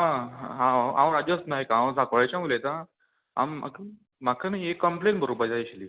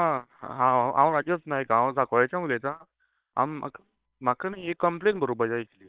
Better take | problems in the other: first | noise reduction (neural separator model SepFormer WHAM!)

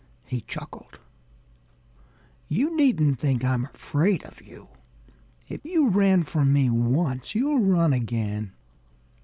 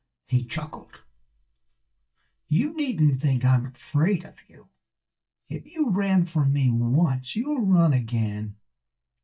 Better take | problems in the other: first | noise reduction (neural mask model DeepFilterNet 3)

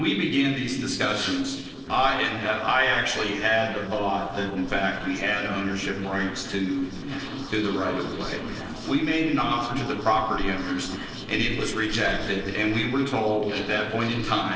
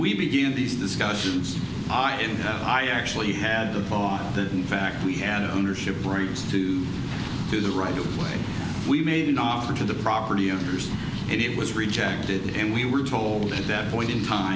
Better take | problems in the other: second | noise reduction (neural separator model SepFormer DNS4)

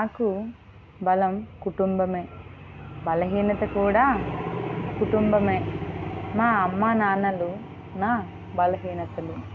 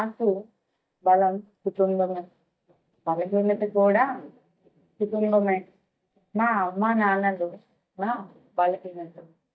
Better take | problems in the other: first | noise reduction (neural mask model DeepFilterNet 3)

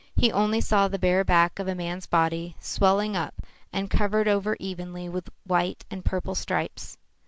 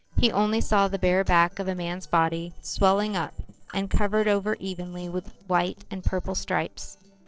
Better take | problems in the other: first | noise reduction (neural separator model SepFormer DNS4)

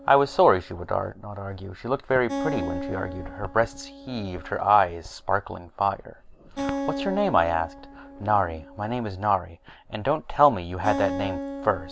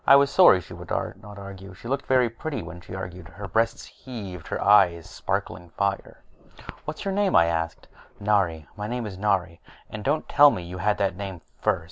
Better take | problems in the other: second | background sound (Acoustic guitar); 10 dB below the speech

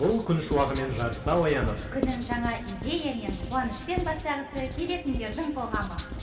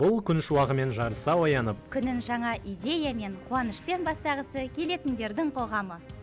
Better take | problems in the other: second | background sound (Writing); 7 dB below the speech // room echo; dies away in 2.2 s

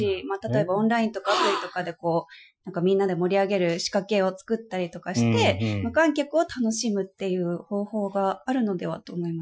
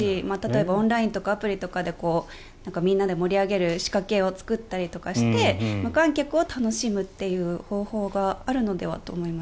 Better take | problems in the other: second | noise reduction (classical method Wiener filter)

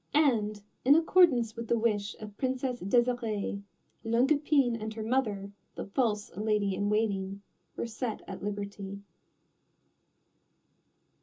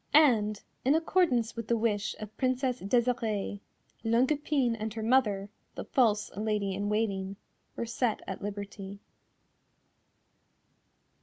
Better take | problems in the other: second | room echo; dies away in 0.2 s

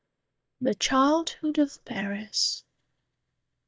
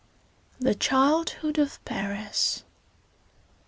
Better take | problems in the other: second | noise reduction (neural mask model DeepFilterNet 3)

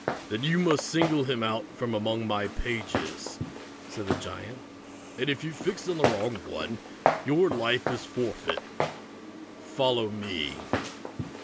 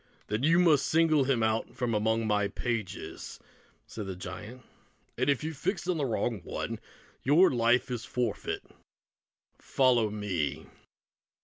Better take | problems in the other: second | background sound (Walk, footsteps); 4 dB below the speech

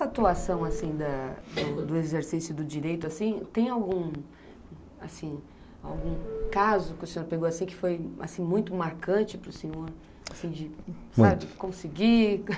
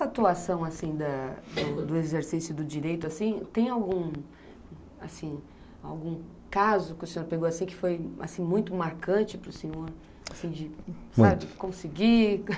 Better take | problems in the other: second | background sound (Subway, metro, underground / Doorbell); 6 dB below the speech

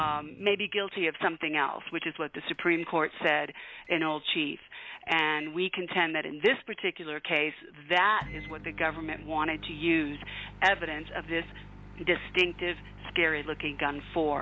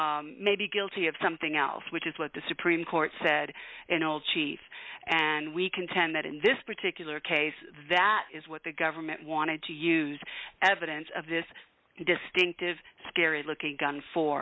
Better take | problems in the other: second | background sound (Microwave oven); 18 dB below the speech

